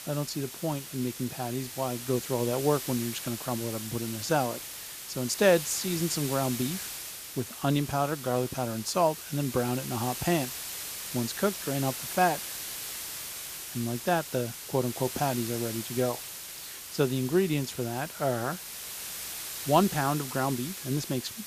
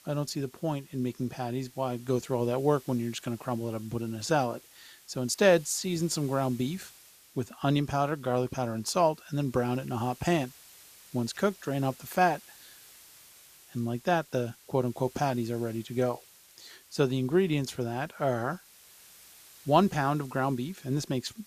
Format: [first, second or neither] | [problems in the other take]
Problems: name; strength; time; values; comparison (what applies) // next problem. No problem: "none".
second | hiss; loud; throughout; 7 dB below the speech; faint in the second